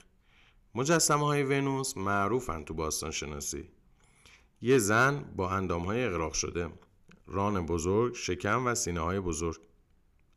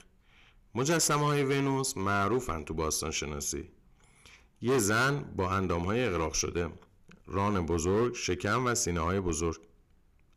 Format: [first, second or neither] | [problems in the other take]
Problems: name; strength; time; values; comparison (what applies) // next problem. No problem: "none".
first | distortion; slight; 7% of the sound clipped